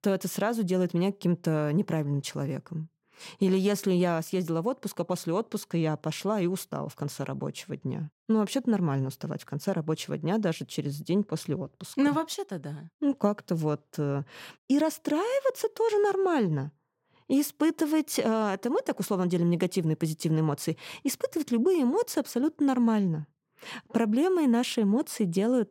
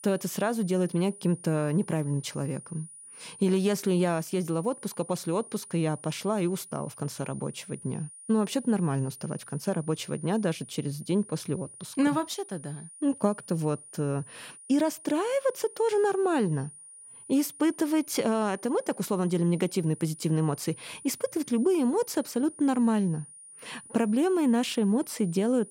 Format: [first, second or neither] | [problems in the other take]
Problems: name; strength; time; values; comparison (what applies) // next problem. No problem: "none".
first | high-pitched whine; noticeable; throughout; 9.5 kHz, 15 dB below the speech